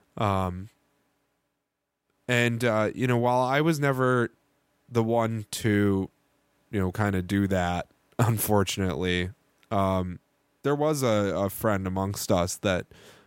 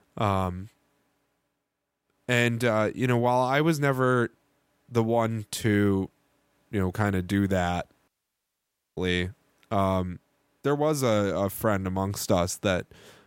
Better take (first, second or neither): first